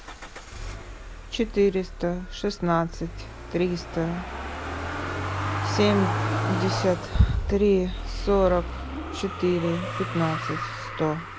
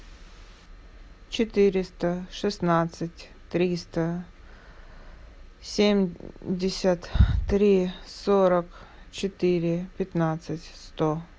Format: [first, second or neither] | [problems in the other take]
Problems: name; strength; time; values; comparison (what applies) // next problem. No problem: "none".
second | background sound (Motor vehicle (road)); 5 dB below the speech